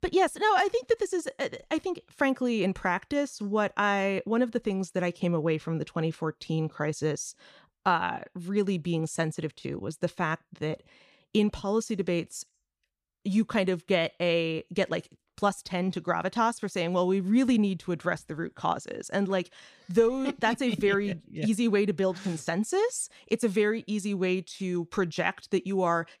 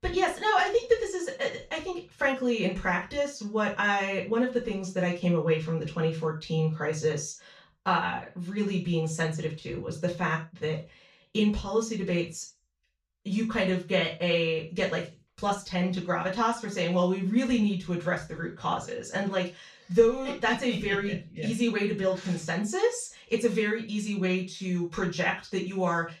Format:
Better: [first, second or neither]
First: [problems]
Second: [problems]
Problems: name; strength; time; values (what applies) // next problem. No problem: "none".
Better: first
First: none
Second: room echo; slight; dies away in 0.3 s // off-mic speech; far